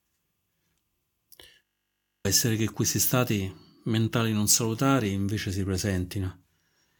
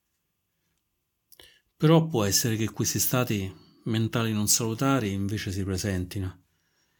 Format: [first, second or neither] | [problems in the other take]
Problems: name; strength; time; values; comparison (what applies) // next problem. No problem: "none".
second | audio freezing; at 1.5 s for 0.5 s